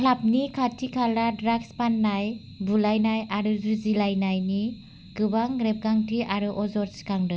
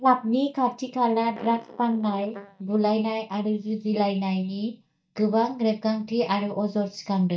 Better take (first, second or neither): first